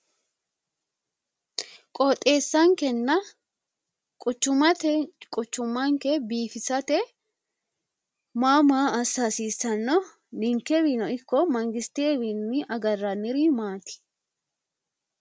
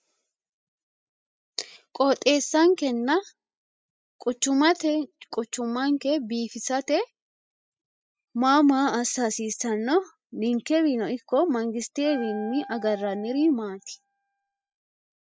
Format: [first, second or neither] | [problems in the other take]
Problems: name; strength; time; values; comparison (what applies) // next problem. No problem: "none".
first | noise reduction (classical method spectral subtraction)